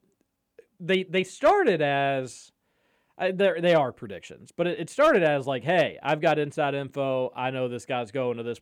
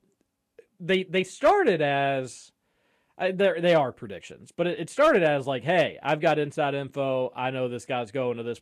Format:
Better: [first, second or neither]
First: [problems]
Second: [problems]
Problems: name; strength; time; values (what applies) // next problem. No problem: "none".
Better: first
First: none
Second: garbled, watery; slightly; nothing above 12.5 kHz